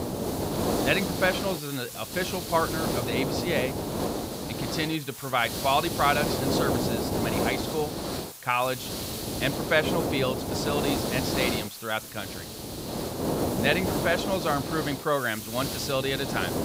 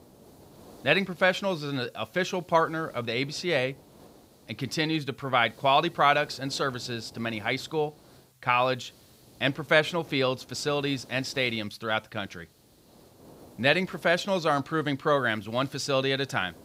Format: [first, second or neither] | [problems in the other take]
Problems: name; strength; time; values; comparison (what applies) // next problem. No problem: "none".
second | hiss; loud; throughout; 2 dB below the speech; faint in the second